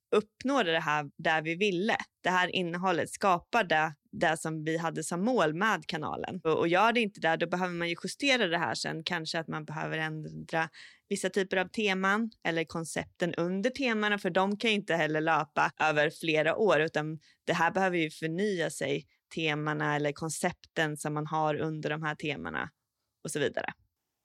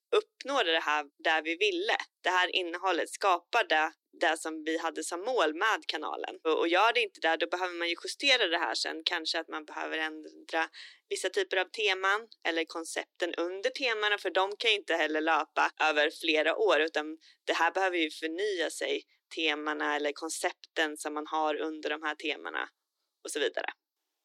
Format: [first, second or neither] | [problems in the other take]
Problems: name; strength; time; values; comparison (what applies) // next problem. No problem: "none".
first | thin; very; fading below 300 Hz